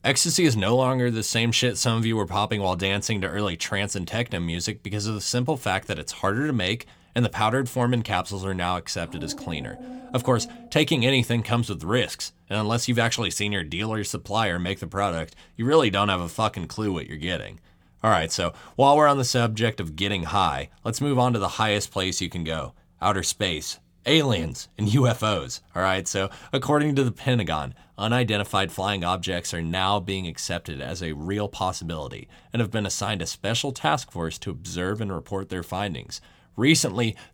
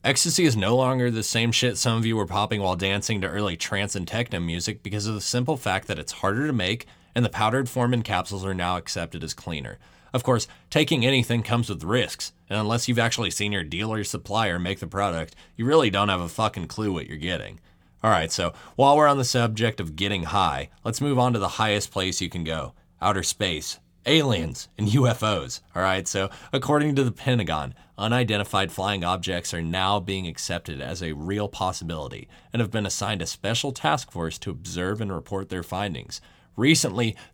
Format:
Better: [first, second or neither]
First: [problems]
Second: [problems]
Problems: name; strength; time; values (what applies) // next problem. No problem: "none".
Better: second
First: dog barking; faint; from 9 to 11 s; peak 15 dB below the speech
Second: none